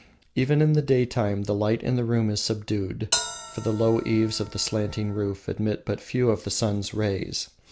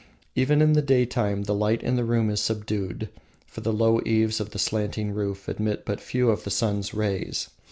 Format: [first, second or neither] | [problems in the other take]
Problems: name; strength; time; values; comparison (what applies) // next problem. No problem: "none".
second | background sound (Bell); 9 dB below the speech